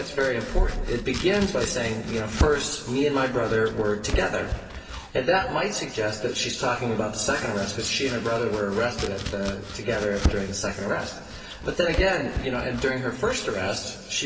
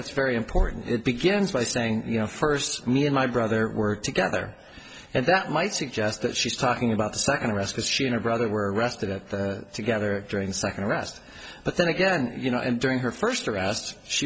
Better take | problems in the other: second | background sound (Domestic sounds, home sounds); 8 dB below the speech // room echo; dies away in 1.8 s

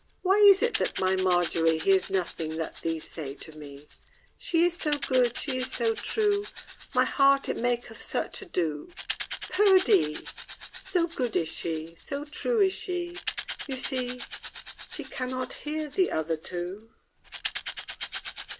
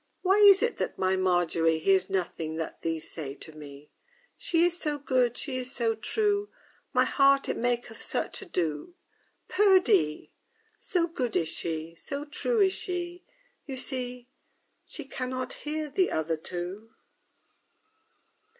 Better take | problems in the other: second | background sound (Rattle / Rattle (instrument)); 13 dB below the speech

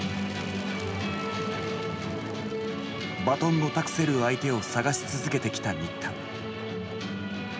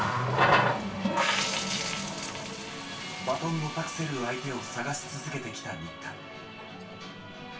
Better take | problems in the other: first | background sound (Water tap, faucet); 4 dB above the speech // room echo; dies away in 0.2 s

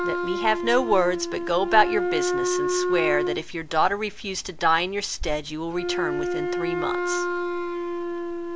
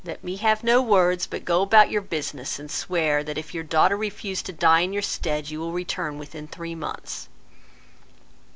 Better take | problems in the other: second | background sound (Wind instrument, woodwind instrument); 2 dB below the speech

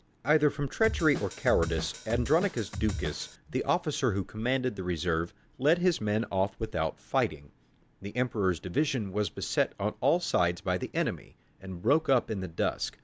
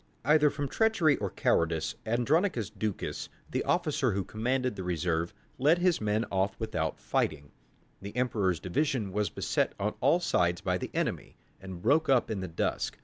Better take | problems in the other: second | background sound (Drum kit); 7 dB below the speech

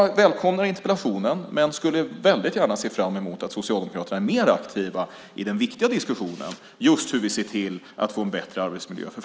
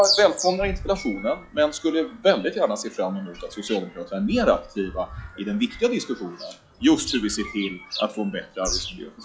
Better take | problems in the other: first | noise reduction (classical method log-MMSE)

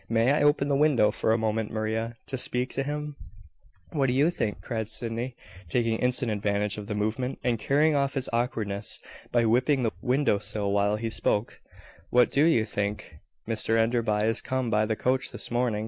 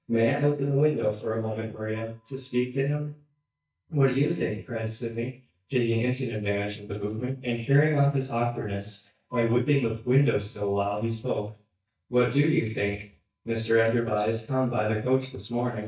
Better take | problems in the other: first | noise reduction (neural mask model DeepFilterNet 3)

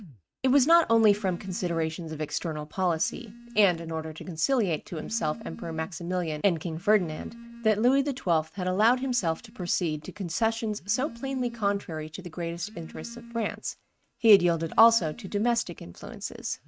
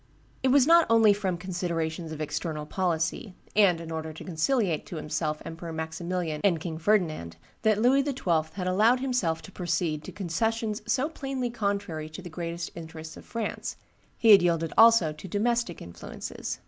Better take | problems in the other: second | noise reduction (neural mask model RNNoise)

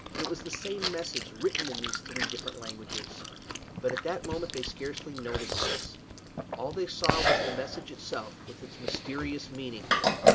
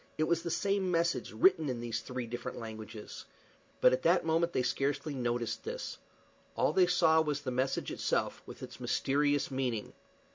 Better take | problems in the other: second | background sound (Chewing, mastication); 4 dB above the speech

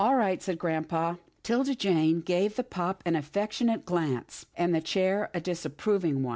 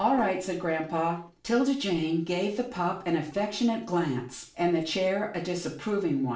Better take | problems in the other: first | noise reduction (neural separator model SepFormer DNS4)

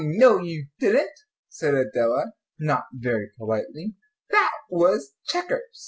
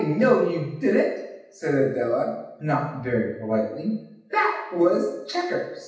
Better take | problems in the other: first | room echo; dies away in 0.8 s

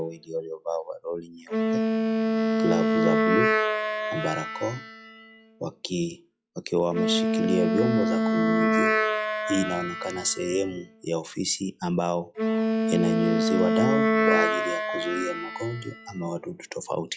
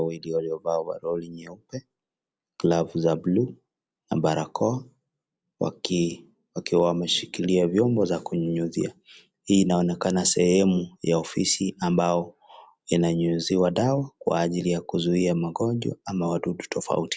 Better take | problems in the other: second | noise reduction (classical method log-MMSE)

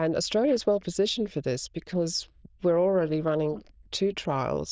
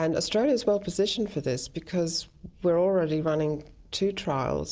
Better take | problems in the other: second | noise reduction (neural diffusion model UNIVERSE++)

